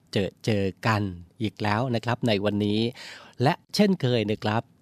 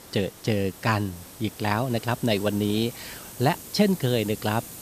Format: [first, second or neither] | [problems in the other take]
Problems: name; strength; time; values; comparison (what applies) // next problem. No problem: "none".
first | hiss; noticeable; throughout; 15 dB below the speech